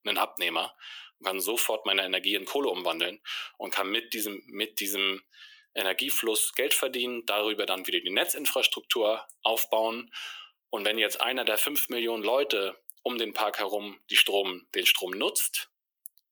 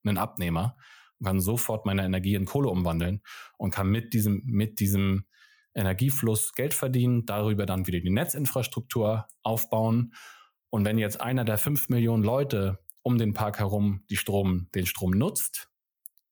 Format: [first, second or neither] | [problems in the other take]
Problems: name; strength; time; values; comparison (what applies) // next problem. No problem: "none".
second | thin; very; fading below 300 Hz